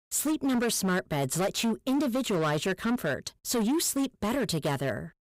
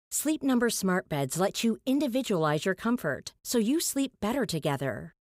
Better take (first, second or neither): second